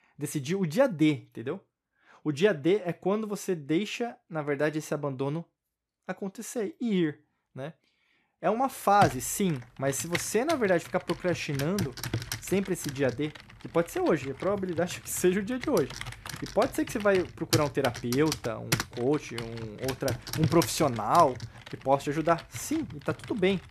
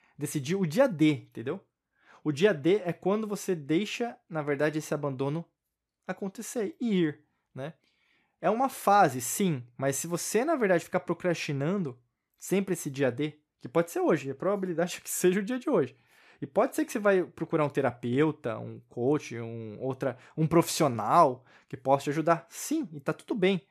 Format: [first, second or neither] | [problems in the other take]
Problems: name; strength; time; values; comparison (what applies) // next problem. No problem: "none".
second | household noises; loud; from 8.5 s on; 9 dB below the speech